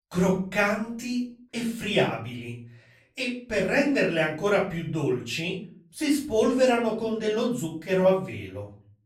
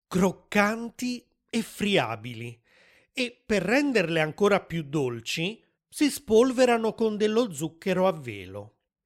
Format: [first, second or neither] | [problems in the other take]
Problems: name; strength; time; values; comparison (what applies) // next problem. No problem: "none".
second | off-mic speech; far // room echo; slight; dies away in 0.4 s